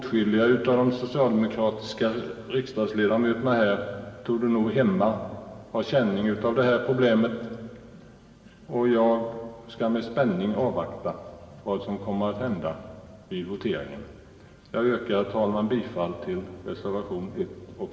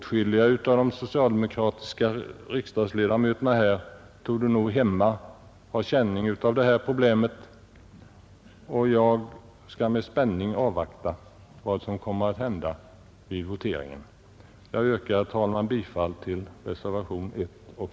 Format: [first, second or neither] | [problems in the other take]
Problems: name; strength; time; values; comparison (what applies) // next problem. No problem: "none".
second | room echo; dies away in 2.8 s